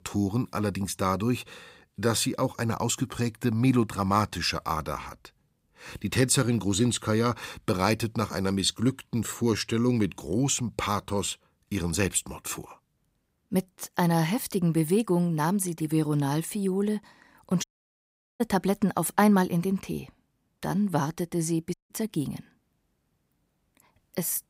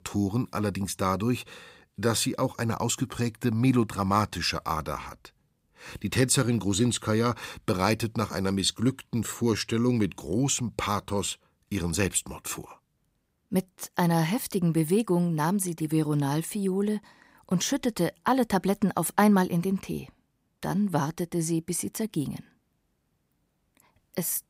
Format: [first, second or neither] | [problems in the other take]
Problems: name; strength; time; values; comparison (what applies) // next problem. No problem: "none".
second | audio cutting out; at 18 s for 1 s and at 22 s